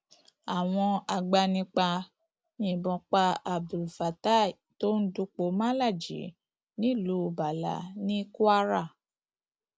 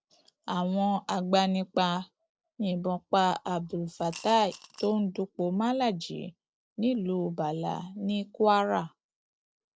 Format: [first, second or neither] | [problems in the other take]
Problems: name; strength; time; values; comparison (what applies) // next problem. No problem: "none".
first | noise reduction (neural separator model SepFormer DNS4)